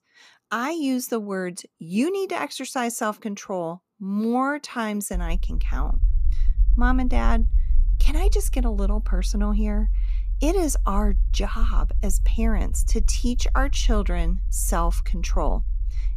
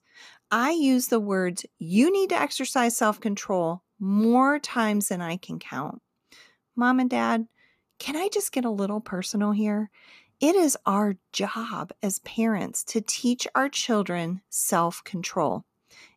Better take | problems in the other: second | low rumble; faint; from 5 s on; 20 dB below the speech

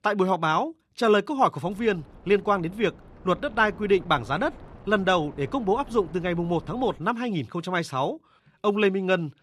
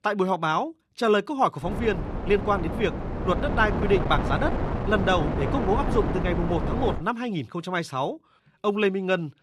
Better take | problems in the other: first | wind noise on the microphone; heavy; from 1.5 to 7 s; 6 dB below the speech; occasional gusts in the first

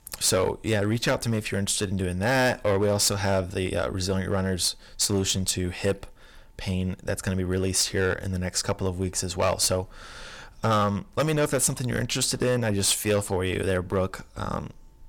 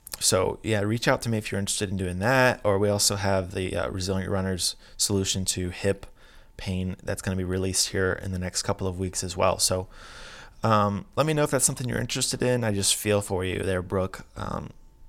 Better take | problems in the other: second | distortion; slight; 5% of the sound clipped

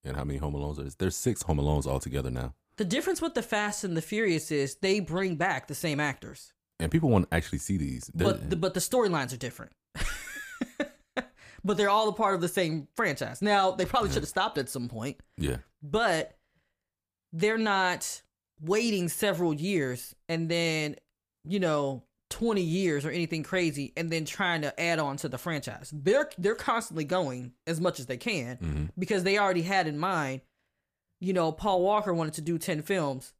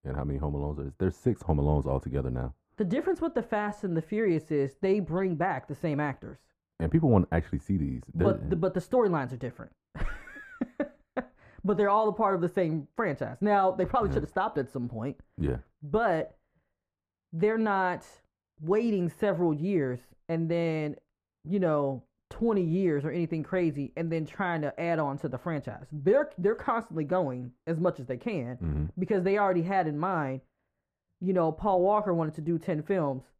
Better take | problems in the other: first | muffled; very; fading above 2.5 kHz

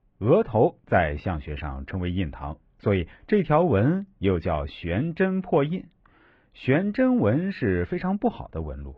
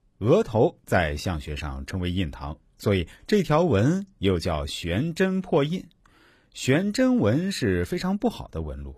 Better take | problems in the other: second | muffled; very; fading above 2.5 kHz

